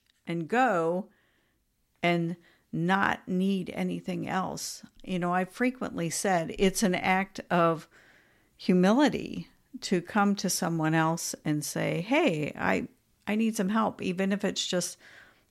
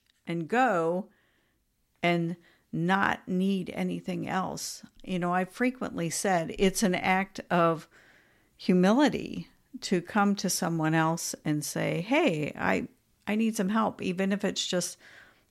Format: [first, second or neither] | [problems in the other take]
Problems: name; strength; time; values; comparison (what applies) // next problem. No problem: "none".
neither | none